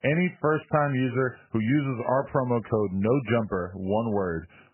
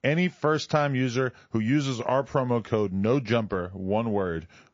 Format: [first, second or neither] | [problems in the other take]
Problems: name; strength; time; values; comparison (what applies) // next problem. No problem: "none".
second | garbled, watery; badly; nothing above 3 kHz; slightly in the second